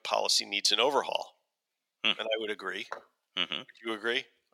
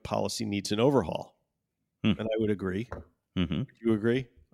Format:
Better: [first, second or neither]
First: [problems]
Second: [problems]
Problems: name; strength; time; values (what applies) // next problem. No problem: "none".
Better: second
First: thin; very; fading below 750 Hz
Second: none